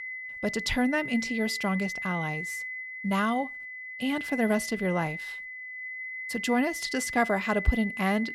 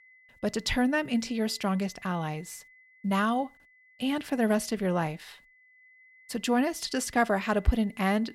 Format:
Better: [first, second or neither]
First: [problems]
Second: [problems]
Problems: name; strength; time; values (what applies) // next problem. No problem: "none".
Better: second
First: high-pitched whine; loud; throughout; 2 kHz, 6 dB below the speech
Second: high-pitched whine; faint; throughout; 2 kHz, 25 dB below the speech